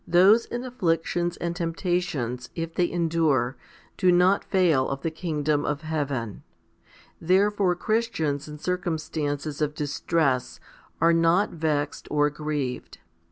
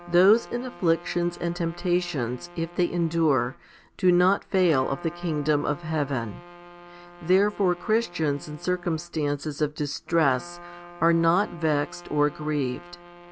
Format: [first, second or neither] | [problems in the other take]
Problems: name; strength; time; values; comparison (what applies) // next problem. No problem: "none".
first | background sound (Trumpet); 20 dB below the speech